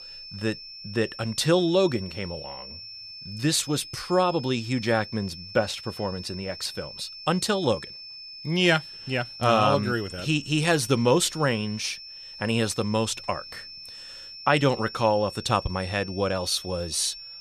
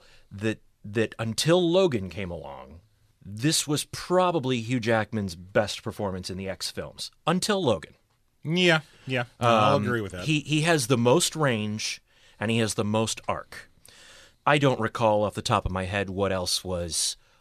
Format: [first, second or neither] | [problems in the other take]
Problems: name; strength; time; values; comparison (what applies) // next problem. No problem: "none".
second | high-pitched whine; noticeable; throughout; 5.5 kHz, 15 dB below the speech